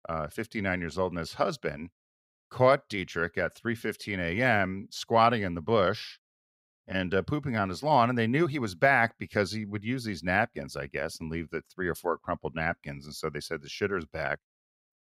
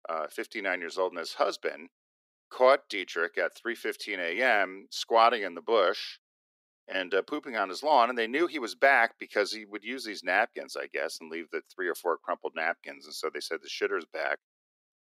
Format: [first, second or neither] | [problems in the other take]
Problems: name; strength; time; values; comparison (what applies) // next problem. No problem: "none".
first | thin; somewhat; fading below 300 Hz